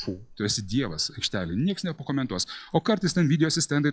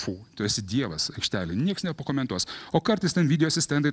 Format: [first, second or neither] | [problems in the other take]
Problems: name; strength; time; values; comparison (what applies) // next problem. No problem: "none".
second | noise reduction (classical method log-MMSE)